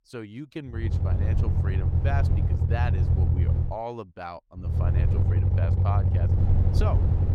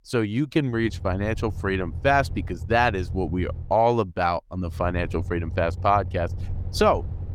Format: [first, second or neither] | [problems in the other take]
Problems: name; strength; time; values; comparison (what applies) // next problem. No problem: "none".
second | low rumble; loud; from 1 to 3.5 s and from 4.5 s on; 1 dB below the speech; faint in the second